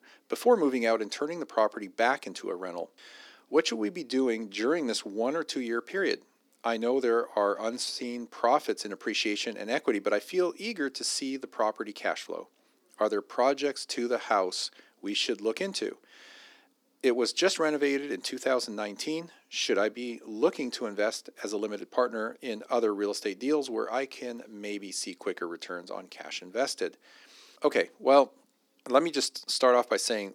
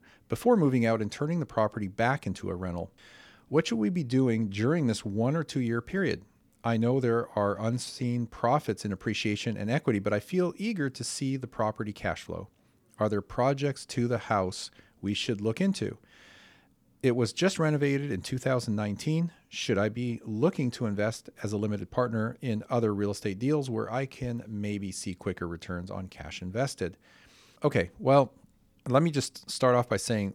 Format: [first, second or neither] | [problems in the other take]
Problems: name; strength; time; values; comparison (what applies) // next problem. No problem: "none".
second | thin; somewhat; fading below 300 Hz